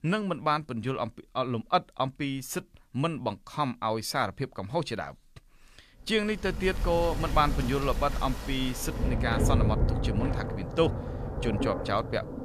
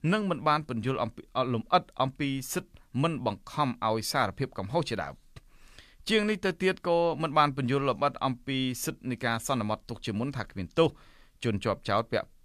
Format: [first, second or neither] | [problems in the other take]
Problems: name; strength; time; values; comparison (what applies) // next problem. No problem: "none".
second | rain or running water; loud; from 6.5 s on; 2 dB below the speech